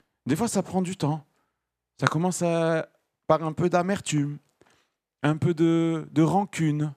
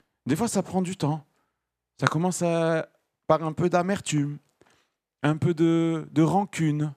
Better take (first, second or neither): neither